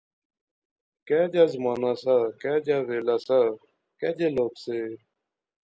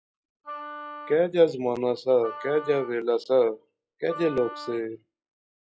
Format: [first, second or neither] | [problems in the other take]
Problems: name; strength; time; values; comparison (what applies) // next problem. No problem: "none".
first | noise reduction (classical method log-MMSE)